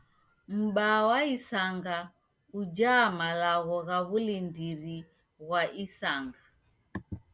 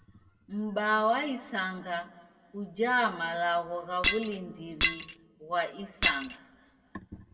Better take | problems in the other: first | background sound (Shatter); 1 dB above the speech // room echo; dies away in 1.3 s

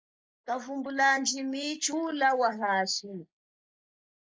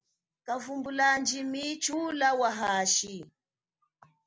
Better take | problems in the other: second | noise reduction (neural mask model Resemble Enhance denoiser)

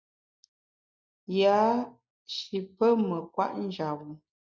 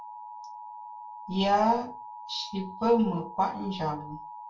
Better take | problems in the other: first | background sound (Alarm); 13 dB below the speech // room echo; dies away in 0.2 s

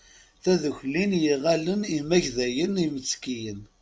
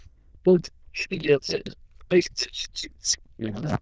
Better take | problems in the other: first | noise reduction (neural diffusion model UNIVERSE++)

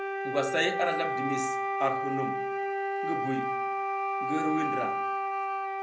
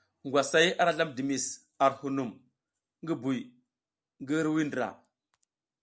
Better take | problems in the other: second | background sound (Wind instrument, woodwind instrument); 3 dB above the speech // room echo; dies away in 0.5 s

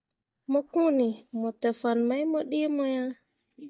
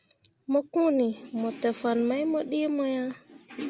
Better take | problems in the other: second | noise reduction (neural mask model DeepFilterNet 3)

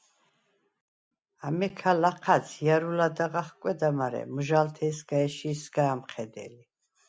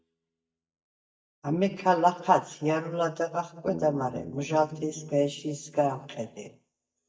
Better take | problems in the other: first | noise reduction (neural mask model DeepFilterNet 3)

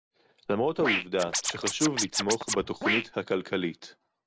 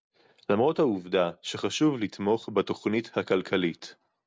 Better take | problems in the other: second | background sound (Scratching (performance technique)); 1 dB below the speech

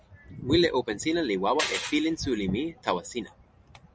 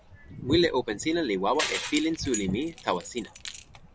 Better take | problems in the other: first | background sound (Keys jangling); 16 dB below the speech

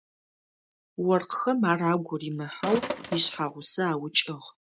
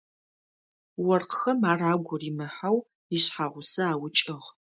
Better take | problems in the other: second | background sound (Sink (filling or washing)); 8 dB below the speech

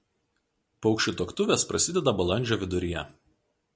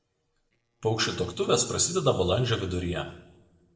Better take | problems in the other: first | noise reduction (neural separator model SepFormer DNS4)

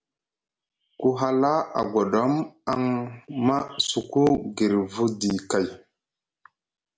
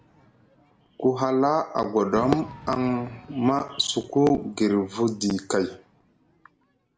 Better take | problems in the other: first | background sound (Crowd / Fireworks); 15 dB below the speech

